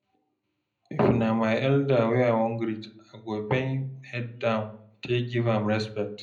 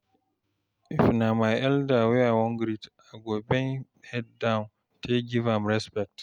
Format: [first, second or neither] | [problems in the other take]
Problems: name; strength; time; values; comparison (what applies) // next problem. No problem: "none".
second | room echo; dies away in 0.4 s